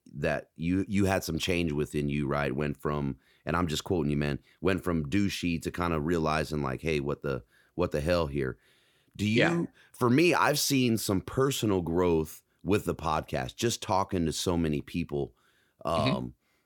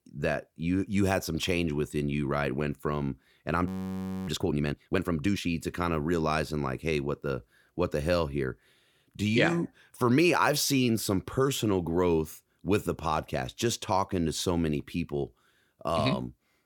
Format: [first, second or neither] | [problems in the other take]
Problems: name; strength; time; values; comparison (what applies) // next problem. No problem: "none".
first | audio freezing; at 3.5 s for 0.5 s